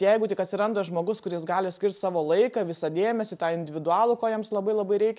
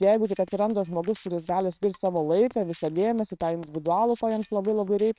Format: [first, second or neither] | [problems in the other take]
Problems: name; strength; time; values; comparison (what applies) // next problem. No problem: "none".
first | noise reduction (neural separator model SepFormer WHAMR!)